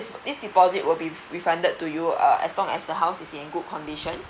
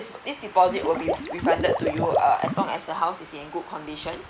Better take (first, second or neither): first